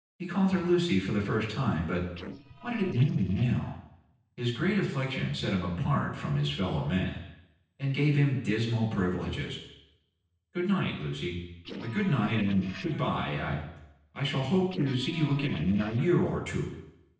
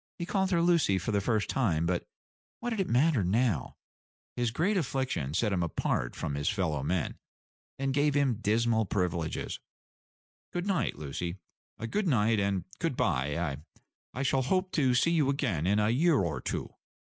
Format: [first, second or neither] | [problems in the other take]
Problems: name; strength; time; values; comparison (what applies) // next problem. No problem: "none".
second | noise reduction (neural separator model SepFormer DNS4)